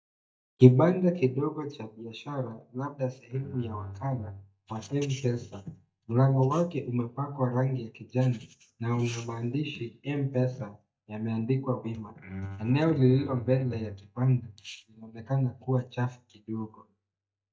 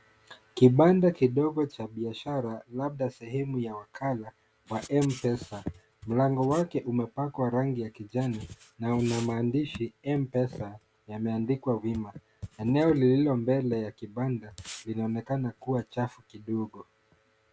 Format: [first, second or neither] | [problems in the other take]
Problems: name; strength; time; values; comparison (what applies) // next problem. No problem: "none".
second | noise reduction (neural mask model DeepFilterNet 3)